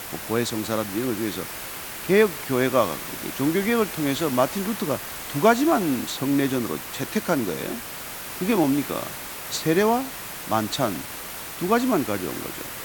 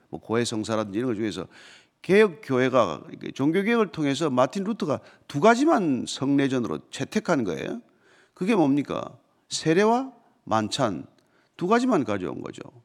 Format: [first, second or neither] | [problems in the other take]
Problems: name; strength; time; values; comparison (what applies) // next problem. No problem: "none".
second | hiss; loud; throughout; 8 dB below the speech